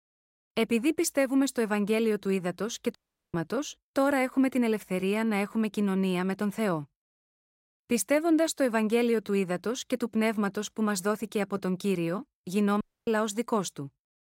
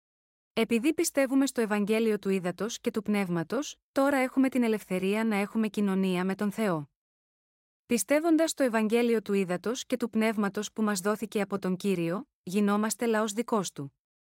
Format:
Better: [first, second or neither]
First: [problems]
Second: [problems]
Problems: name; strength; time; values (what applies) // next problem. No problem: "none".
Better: second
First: audio cutting out; at 3 s and at 13 s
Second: none